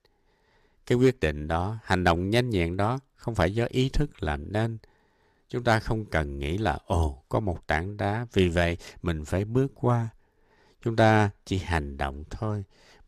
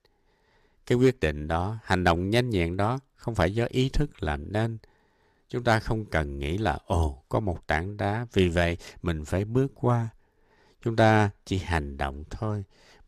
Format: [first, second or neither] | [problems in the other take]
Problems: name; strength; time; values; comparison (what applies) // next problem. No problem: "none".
neither | none